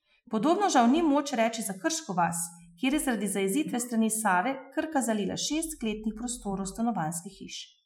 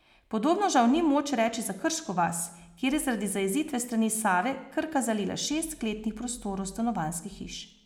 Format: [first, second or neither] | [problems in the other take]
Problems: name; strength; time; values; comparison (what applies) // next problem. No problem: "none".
second | noise reduction (classical method Wiener filter)